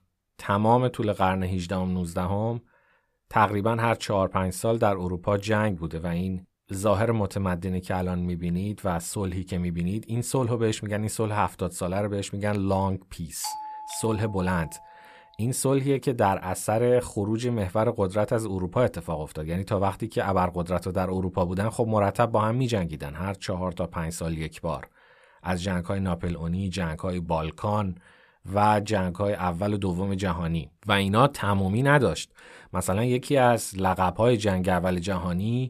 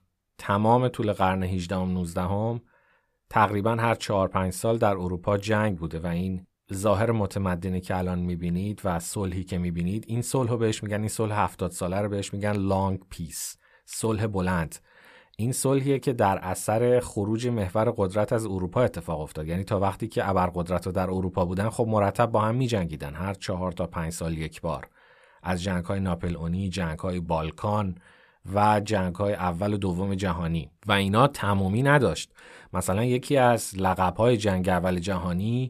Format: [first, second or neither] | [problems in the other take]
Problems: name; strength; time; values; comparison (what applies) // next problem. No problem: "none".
second | doorbell; noticeable; from 13 to 15 s; peak 9 dB below the speech